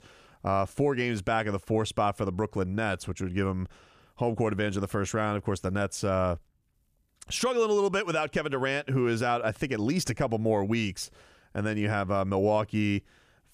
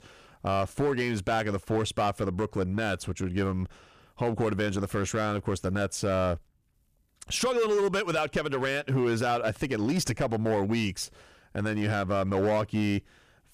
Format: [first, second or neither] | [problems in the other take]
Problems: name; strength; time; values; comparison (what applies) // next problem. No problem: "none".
first | distortion; slight; 8% of the sound clipped